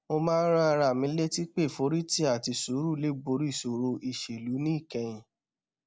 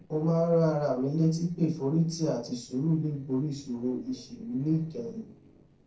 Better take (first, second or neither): first